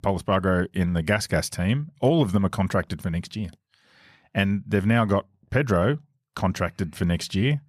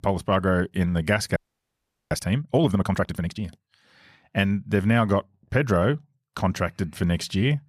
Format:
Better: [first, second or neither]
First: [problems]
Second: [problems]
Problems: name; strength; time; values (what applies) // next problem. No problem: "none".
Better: first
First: none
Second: audio freezing; at 1.5 s for 0.5 s